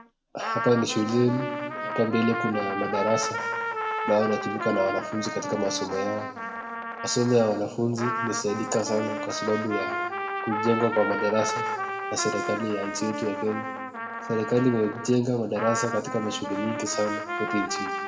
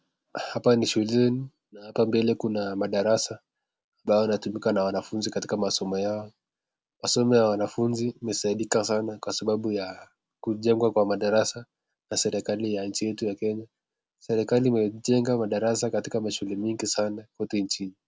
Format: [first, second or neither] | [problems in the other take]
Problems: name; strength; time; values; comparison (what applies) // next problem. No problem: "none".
second | background sound (Trumpet); 4 dB below the speech // room echo; dies away in 1.6 s